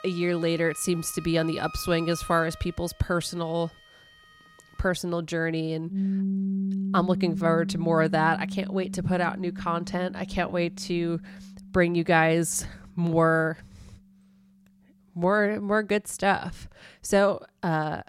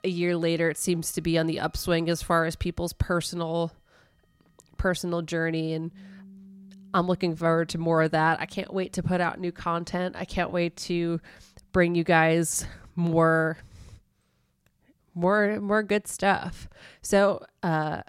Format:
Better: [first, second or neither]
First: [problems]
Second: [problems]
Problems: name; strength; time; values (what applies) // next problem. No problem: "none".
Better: second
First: background music; loud; throughout; 8 dB below the speech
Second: background music; faint; throughout; 30 dB below the speech